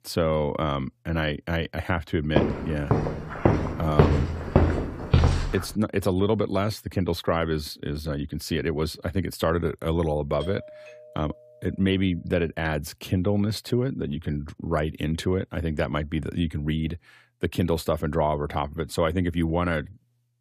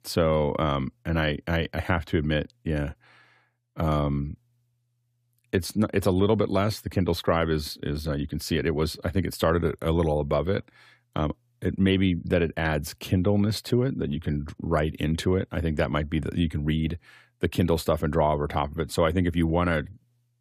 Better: second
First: footsteps; loud; from 2.5 to 5.5 s; peak 5 dB above the speech // doorbell; faint; from 10 to 12 s; peak 15 dB below the speech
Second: none

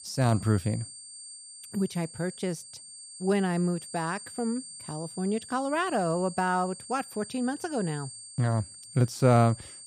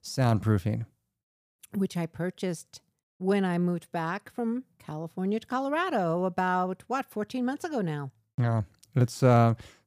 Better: second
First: high-pitched whine; noticeable; throughout; 8.5 kHz, 15 dB below the speech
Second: none

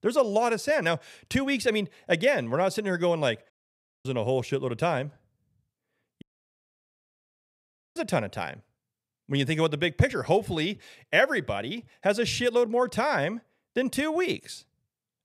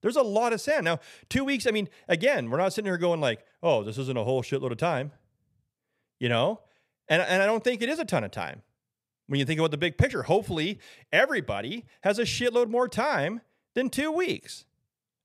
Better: second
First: audio cutting out; at 3.5 s for 0.5 s and at 6 s for 1.5 s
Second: none

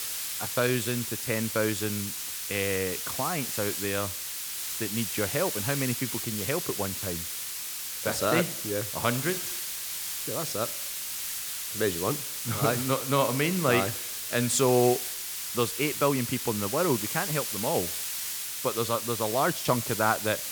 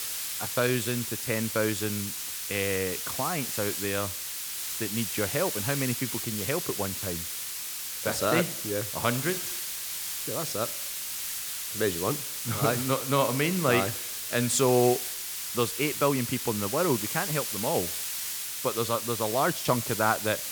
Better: neither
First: hiss; loud; throughout; 2 dB below the speech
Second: hiss; loud; throughout; 2 dB below the speech

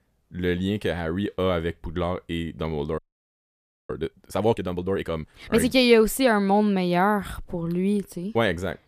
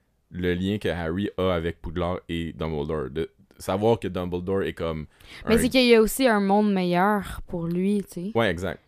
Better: second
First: audio freezing; at 3 s for 1 s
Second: none

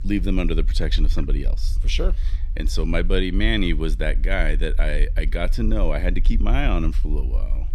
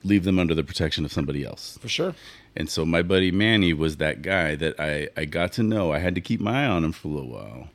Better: second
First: low rumble; faint; throughout; 20 dB below the speech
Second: none

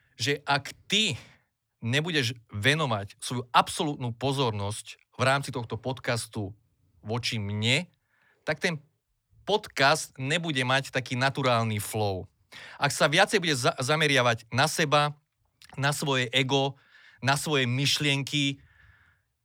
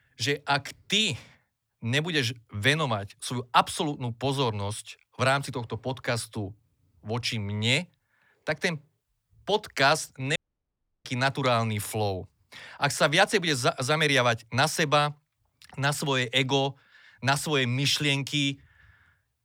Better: first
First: none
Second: audio cutting out; at 10 s for 0.5 s

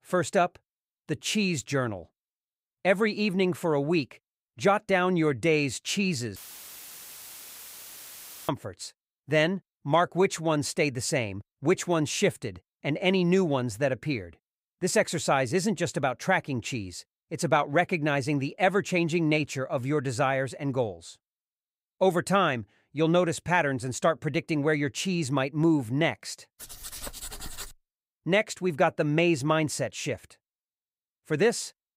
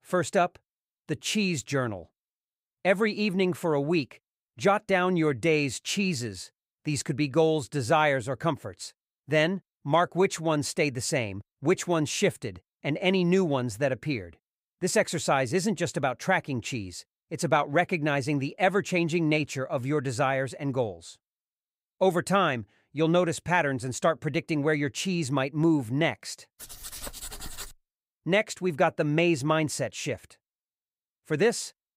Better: second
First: audio cutting out; filled with static; at 6.5 s for 2 s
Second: none

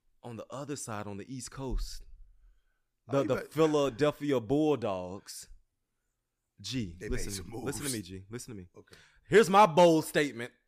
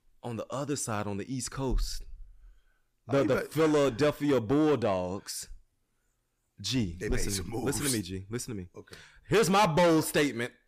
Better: first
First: none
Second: distortion; heavy; 6 dB below the speech

